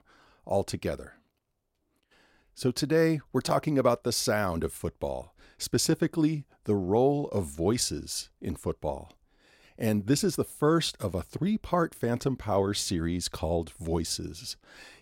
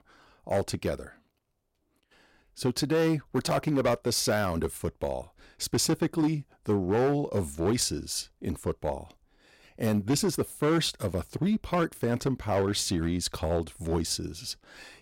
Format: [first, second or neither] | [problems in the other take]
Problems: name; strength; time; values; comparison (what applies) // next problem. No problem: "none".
first | distortion; slight; 5% of the sound clipped